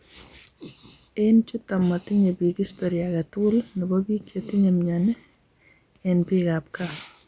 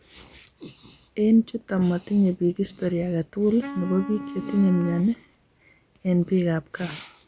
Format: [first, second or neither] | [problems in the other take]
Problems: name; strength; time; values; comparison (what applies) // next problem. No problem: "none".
first | background sound (Wind instrument, woodwind instrument); 12 dB below the speech